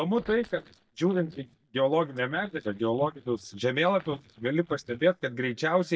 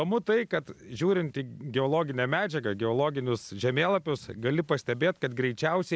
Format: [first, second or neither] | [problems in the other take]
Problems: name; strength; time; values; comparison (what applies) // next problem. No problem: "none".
second | noise reduction (neural mask model DeepFilterNet 3)